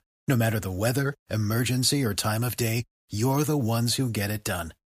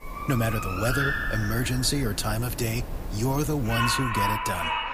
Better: first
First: none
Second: animal sounds; loud; throughout; 2 dB below the speech

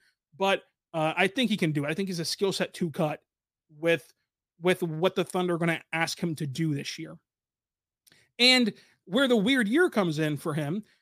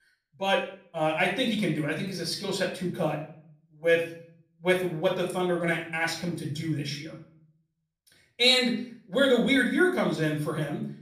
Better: first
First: none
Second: off-mic speech; somewhat distant // room echo; slight; dies away in 0.4 s

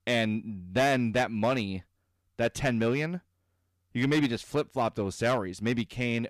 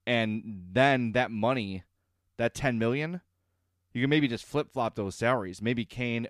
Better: second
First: distortion; slight; 4% of the sound clipped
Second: none

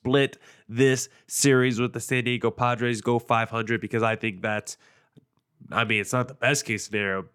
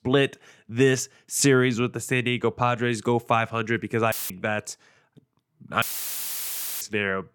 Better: first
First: none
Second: audio cutting out; filled with static; at 4 s and at 6 s for 1 s

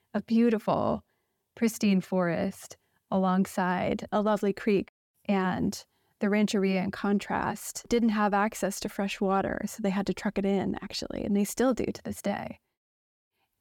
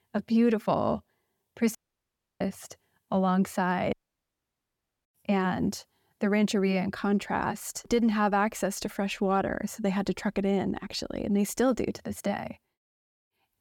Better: first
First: none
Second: audio cutting out; at 2 s for 0.5 s and at 4 s for 1 s

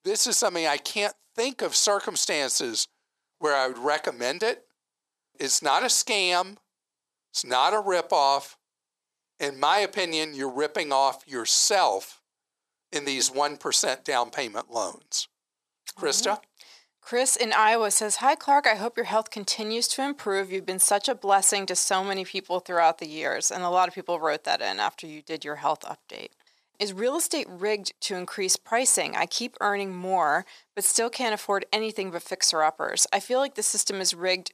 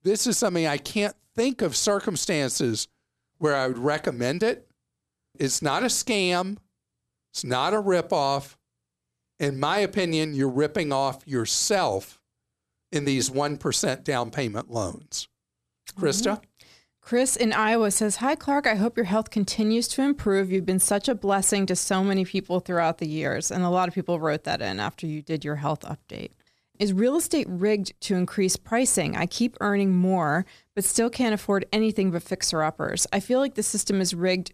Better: second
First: thin; very; fading below 500 Hz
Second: none

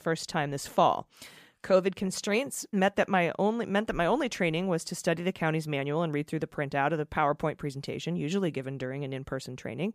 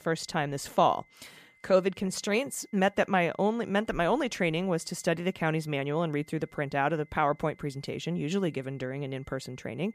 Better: first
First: none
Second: high-pitched whine; faint; throughout; 2 kHz, 30 dB below the speech

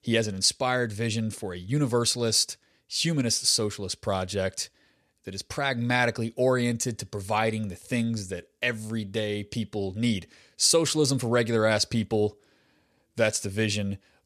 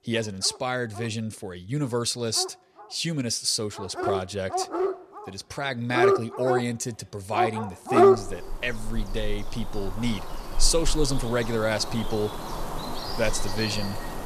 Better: first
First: none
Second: animal sounds; very loud; throughout; as loud as the speech

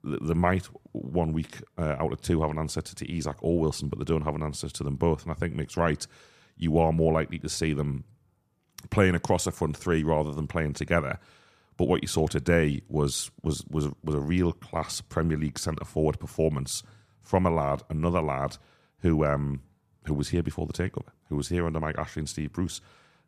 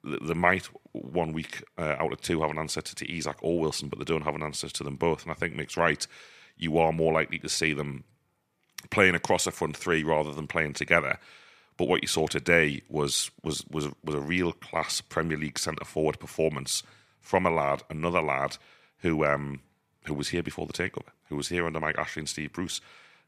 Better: first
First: none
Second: thin; very slightly; fading below 700 Hz

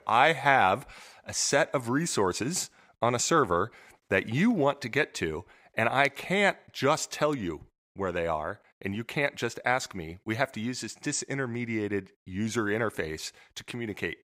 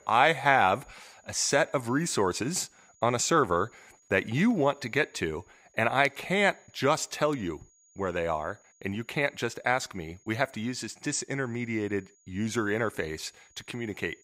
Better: first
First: none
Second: high-pitched whine; faint; throughout; 6.5 kHz, 30 dB below the speech

